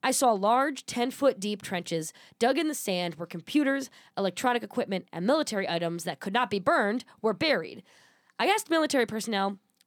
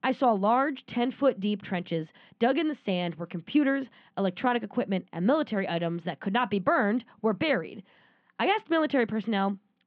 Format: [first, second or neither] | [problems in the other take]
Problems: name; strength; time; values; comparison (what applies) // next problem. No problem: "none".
first | muffled; very; fading above 3 kHz